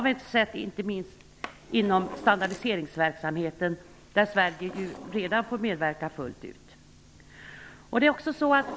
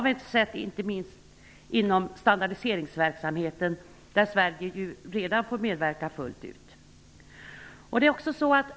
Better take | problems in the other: second | background sound (Drawer open or close); 18 dB below the speech

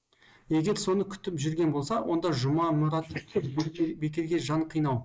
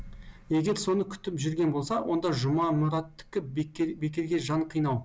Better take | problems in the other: second | noise reduction (neural mask model Resemble Enhance denoiser)

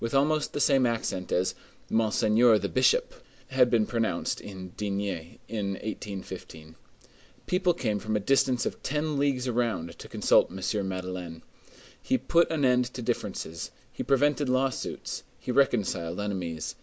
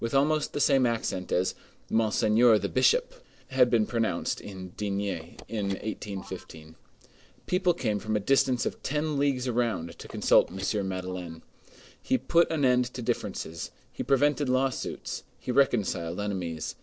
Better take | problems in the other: first | noise reduction (neural separator model SepFormer DNS4)

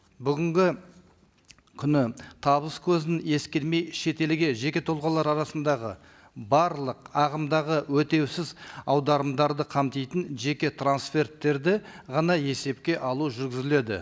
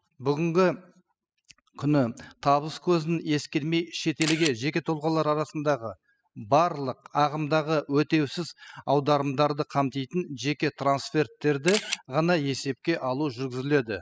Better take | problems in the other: first | noise reduction (classical method spectral subtraction)

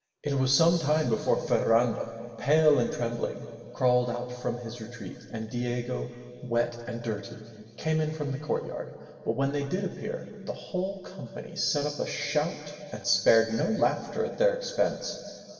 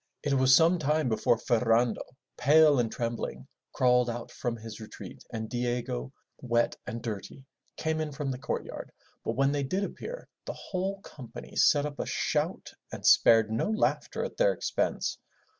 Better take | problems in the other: second | room echo; dies away in 2.4 s

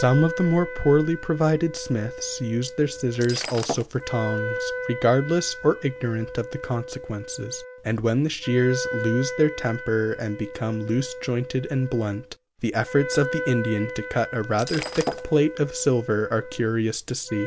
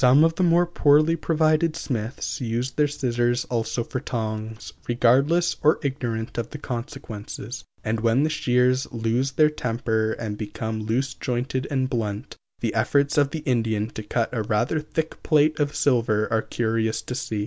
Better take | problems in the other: second | background sound (Wind instrument, woodwind instrument + Shatter); 9 dB below the speech

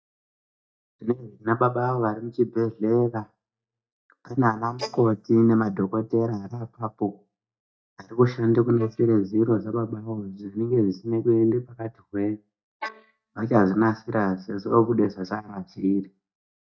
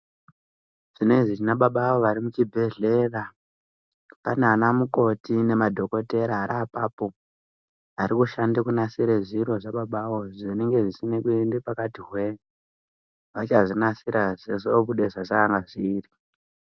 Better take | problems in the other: second | noise reduction (neural mask model DeepFilterNet 3)

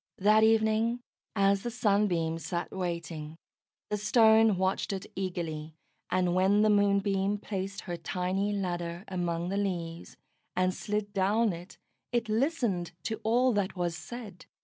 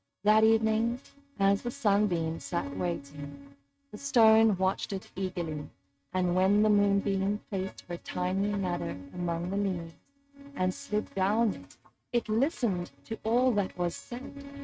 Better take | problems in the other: first | noise reduction (neural mask model RNNoise)

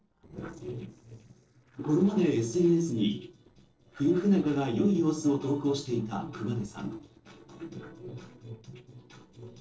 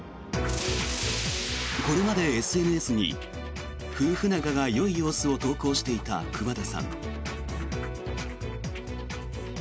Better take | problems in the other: second | noise reduction (neural separator model SepFormer DNS4)

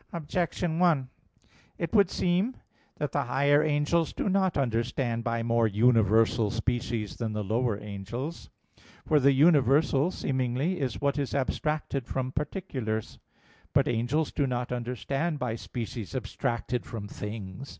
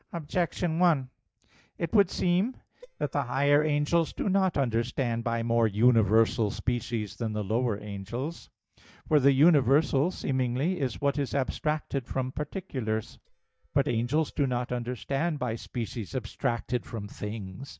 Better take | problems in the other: first | noise reduction (neural mask model DeepFilterNet 3)

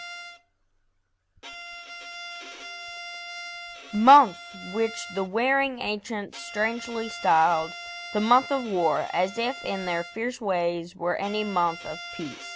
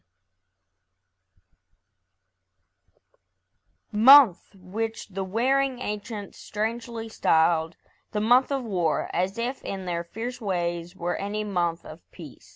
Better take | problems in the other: second | background sound (Bowed string instrument); 14 dB below the speech

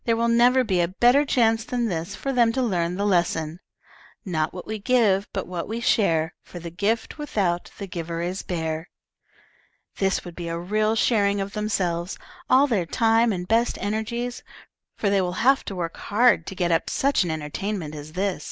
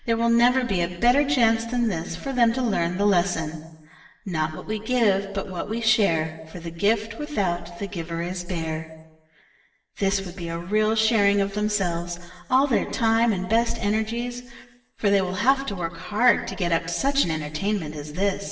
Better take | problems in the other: first | room echo; dies away in 1.1 s

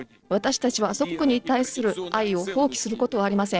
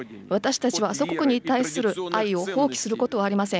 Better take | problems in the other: second | noise reduction (neural separator model SepFormer DNS4)

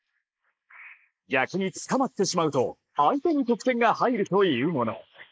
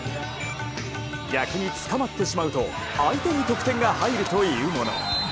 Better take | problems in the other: second | noise reduction (neural mask model Resemble Enhance denoiser)

